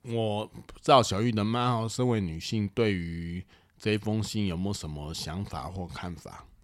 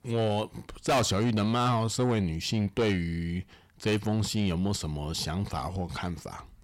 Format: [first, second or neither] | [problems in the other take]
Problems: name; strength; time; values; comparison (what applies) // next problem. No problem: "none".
first | distortion; heavy; 7 dB below the speech